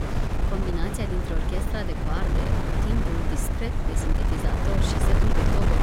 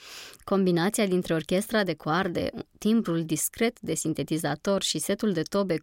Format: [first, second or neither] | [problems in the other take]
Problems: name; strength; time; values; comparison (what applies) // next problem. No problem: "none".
second | wind noise on the microphone; heavy; 3 dB above the speech